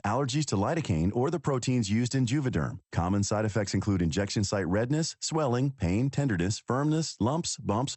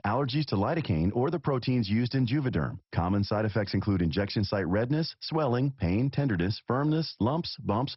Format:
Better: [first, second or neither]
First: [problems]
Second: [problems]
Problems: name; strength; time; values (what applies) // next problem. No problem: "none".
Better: first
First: garbled, watery; slightly; nothing above 8 kHz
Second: garbled, watery; badly; nothing above 5.5 kHz